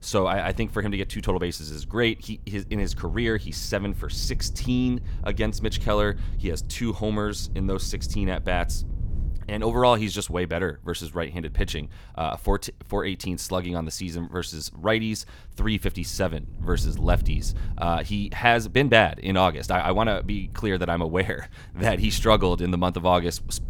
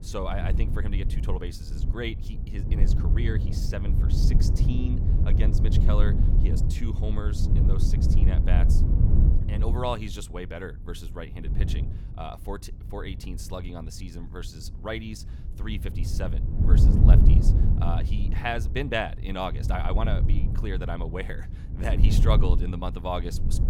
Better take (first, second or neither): first